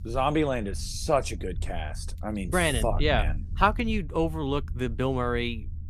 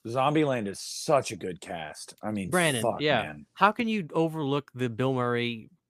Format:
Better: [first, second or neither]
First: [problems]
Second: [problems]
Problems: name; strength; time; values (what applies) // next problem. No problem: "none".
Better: second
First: low rumble; faint; throughout; 25 dB below the speech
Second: none